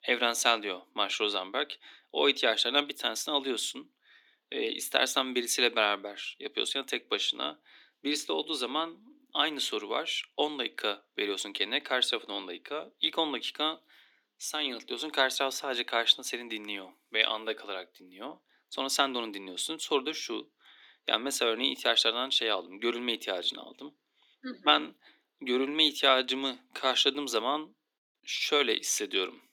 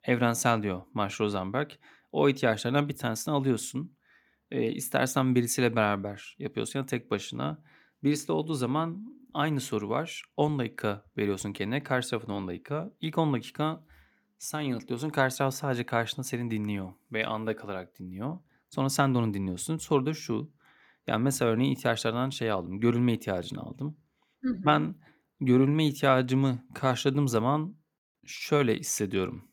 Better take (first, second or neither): second